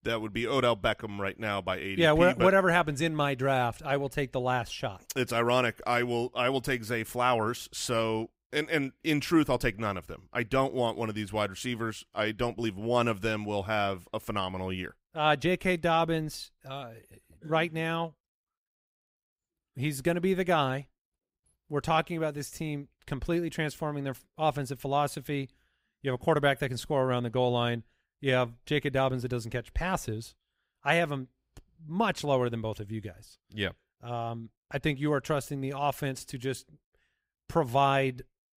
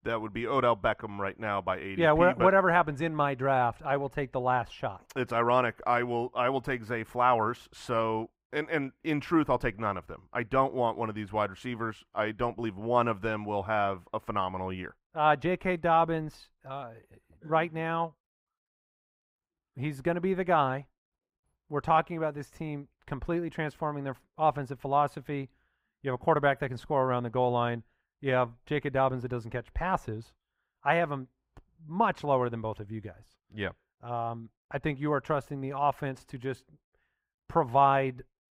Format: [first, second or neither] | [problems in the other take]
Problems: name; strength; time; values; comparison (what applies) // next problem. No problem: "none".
first | muffled; very; fading above 3 kHz